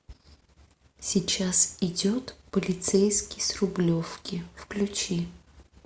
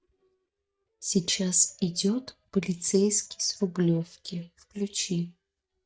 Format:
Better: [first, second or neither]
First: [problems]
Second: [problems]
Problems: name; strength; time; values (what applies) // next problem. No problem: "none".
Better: first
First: none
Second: noise reduction (neural mask model DeepFilterNet 3)